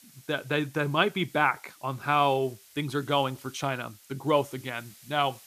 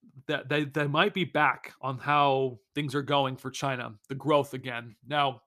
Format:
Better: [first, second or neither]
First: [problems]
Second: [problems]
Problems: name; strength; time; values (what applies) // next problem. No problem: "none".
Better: second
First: hiss; faint; throughout; 25 dB below the speech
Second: none